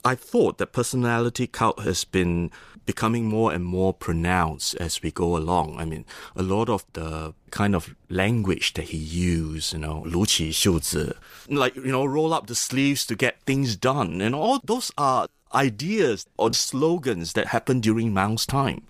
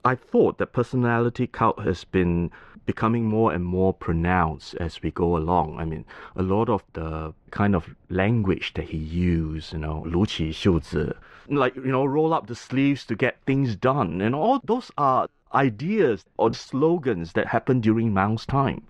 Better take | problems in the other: first | muffled; very; fading above 2 kHz

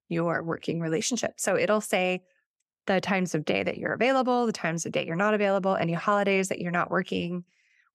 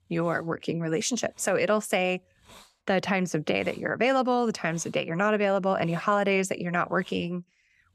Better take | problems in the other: first | hiss; faint; throughout; 30 dB below the speech

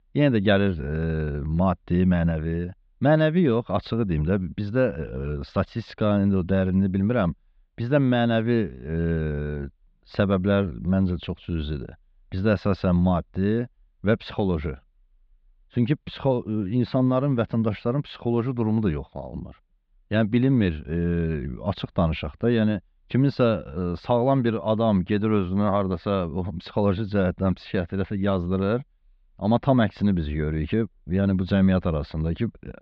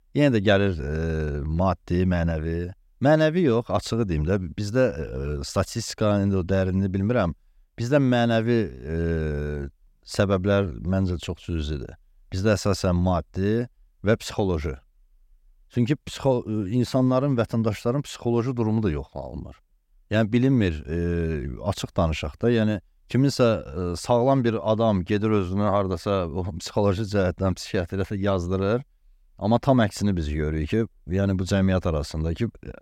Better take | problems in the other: second | muffled; slightly; fading above 4 kHz

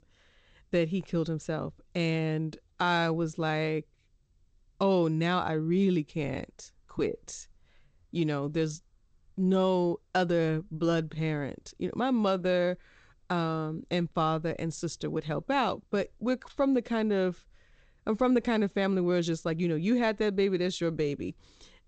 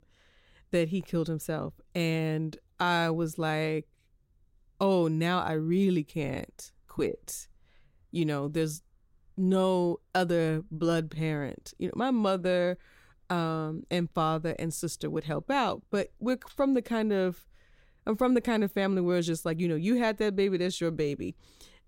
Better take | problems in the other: second | garbled, watery; slightly; nothing above 8 kHz

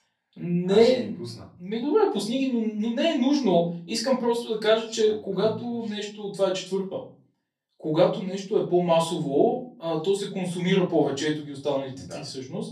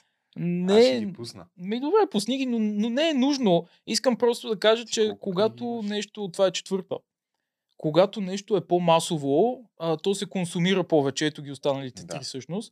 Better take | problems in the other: second | off-mic speech; far // room echo; slight; dies away in 0.4 s

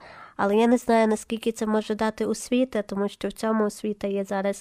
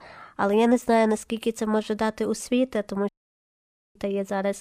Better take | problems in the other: first | audio cutting out; at 3 s for 1 s

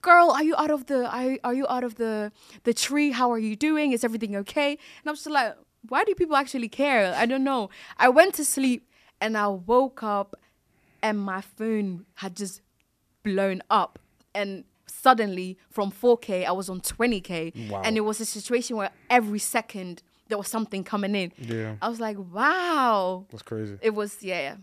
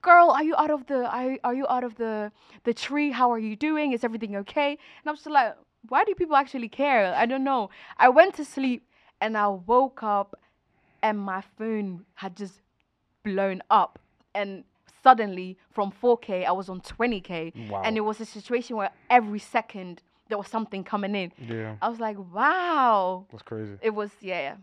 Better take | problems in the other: first | muffled; slightly; fading above 3 kHz

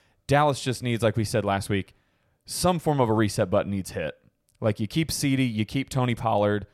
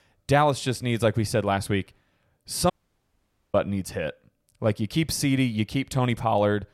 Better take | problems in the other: first | audio cutting out; at 2.5 s for 1 s

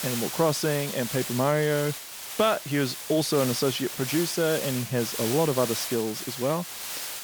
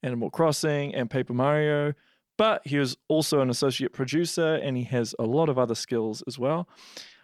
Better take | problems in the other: second | hiss; loud; throughout; 6 dB below the speech

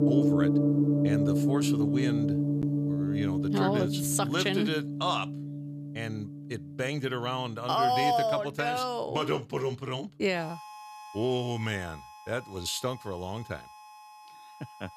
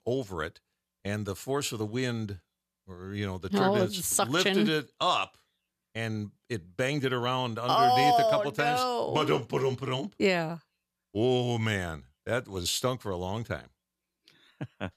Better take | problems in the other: second | background music; very loud; throughout; 3 dB above the speech

